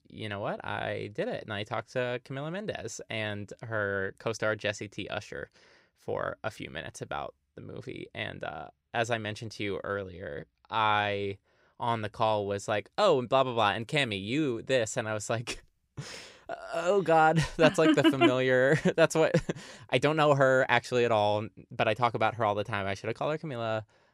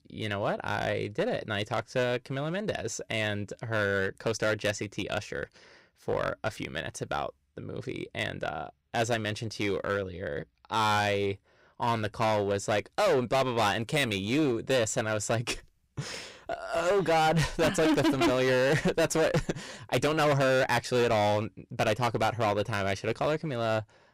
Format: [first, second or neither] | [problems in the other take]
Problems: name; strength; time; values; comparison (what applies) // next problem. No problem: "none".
first | distortion; heavy; 12% of the sound clipped